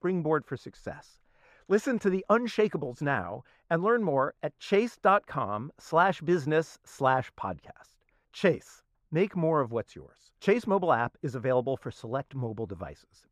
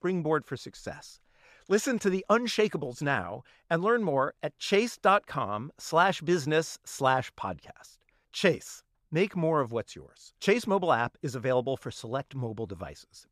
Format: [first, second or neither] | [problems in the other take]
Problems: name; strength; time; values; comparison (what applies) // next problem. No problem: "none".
second | muffled; slightly; fading above 2.5 kHz